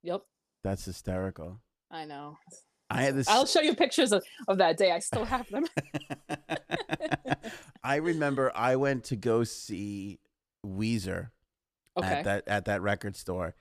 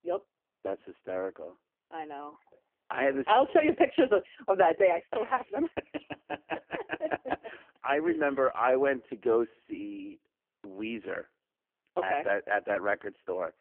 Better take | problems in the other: first | phone-call audio; poor line

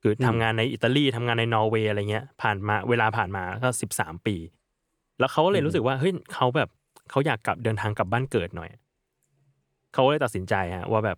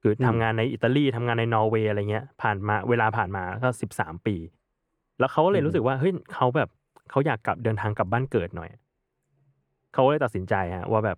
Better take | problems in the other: first | muffled; slightly; fading above 3 kHz

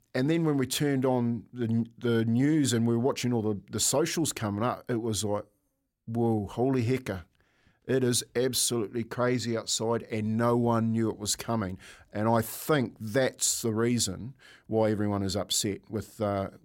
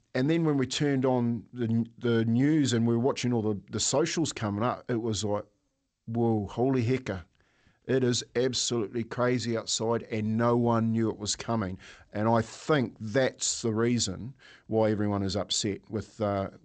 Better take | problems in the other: first | garbled, watery; slightly; nothing above 7.5 kHz

